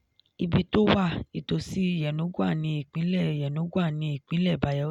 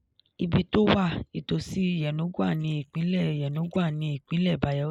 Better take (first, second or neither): first